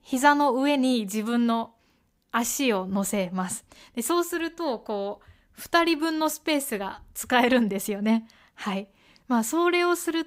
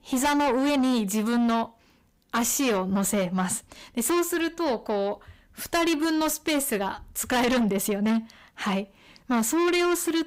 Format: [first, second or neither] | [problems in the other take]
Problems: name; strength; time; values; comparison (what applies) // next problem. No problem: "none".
first | distortion; heavy; 7 dB below the speech